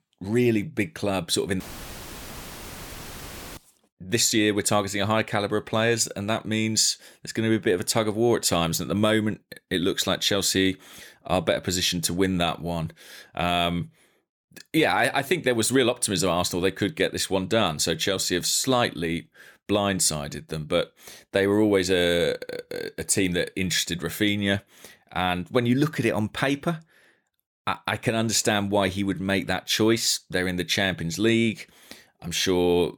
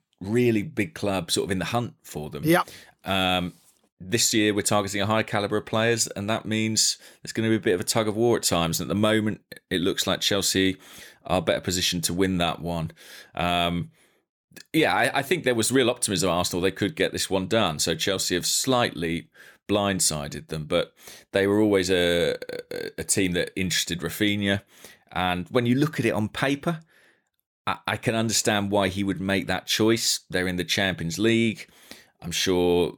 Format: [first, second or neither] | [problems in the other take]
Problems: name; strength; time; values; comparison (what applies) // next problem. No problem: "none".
second | audio cutting out; filled with static; at 1.5 s for 2 s